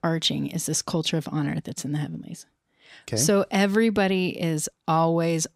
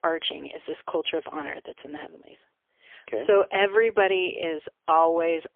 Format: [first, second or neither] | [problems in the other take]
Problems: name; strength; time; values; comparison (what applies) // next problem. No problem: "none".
first | phone-call audio; poor line; nothing above 3.5 kHz